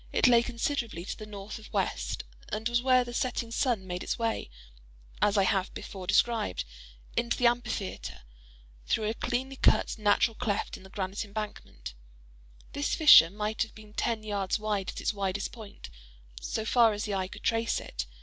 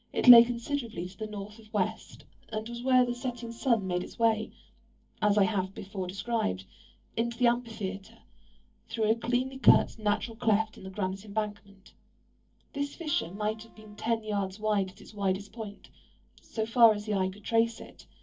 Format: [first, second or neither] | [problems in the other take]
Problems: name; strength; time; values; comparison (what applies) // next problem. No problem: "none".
first | noise reduction (neural separator model SepFormer DNS4)